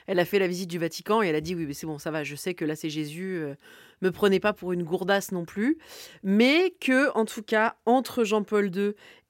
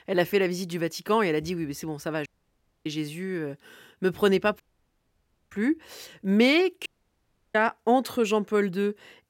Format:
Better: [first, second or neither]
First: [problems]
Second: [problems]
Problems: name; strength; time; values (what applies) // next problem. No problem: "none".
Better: first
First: none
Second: audio cutting out; at 2.5 s for 0.5 s, at 4.5 s for 1 s and at 7 s for 0.5 s